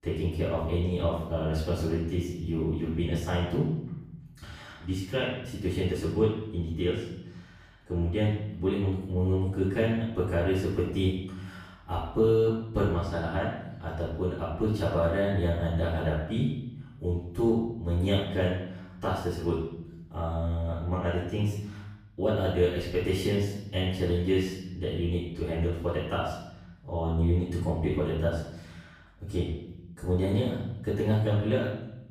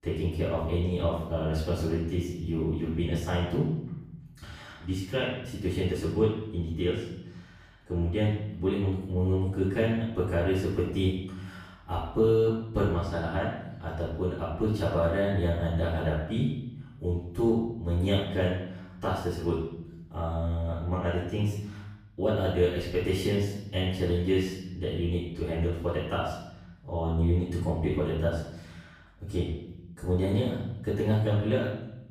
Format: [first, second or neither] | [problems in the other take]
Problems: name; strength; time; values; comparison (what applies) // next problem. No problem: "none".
neither | off-mic speech; far; the same in both // room echo; noticeable; dies away in 0.9 s; the same in both